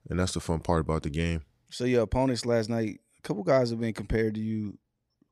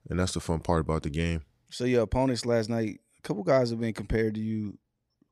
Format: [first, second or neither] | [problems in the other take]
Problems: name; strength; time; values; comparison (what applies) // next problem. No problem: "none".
neither | none